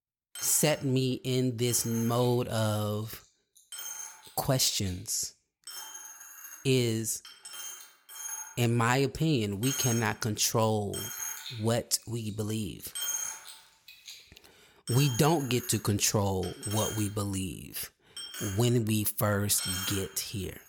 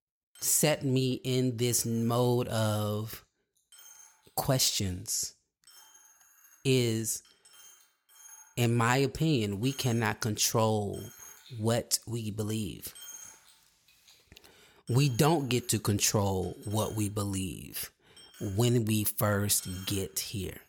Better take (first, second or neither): second